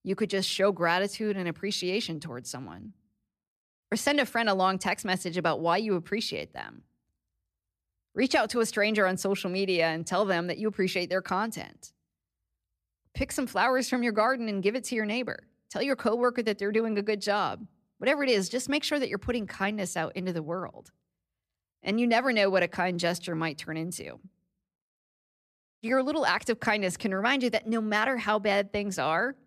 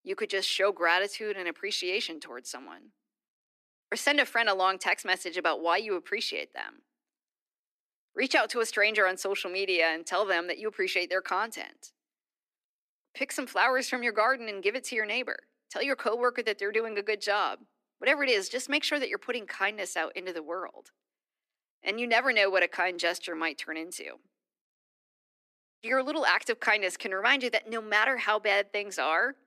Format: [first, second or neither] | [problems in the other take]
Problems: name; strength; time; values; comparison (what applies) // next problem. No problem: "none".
first | thin; somewhat; fading below 300 Hz